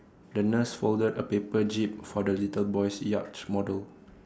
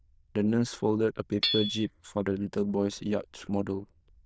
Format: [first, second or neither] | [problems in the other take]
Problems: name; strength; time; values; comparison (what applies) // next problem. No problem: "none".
first | noise reduction (neural diffusion model UNIVERSE++)